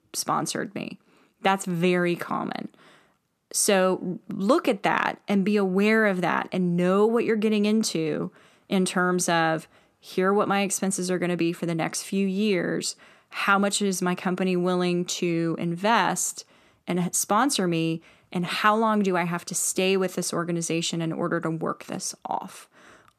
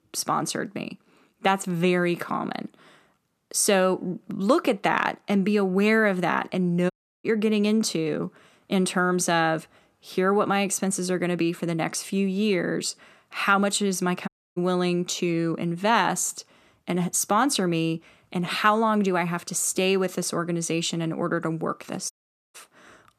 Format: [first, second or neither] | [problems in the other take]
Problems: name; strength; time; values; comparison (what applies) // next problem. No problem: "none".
first | audio cutting out; at 7 s, at 14 s and at 22 s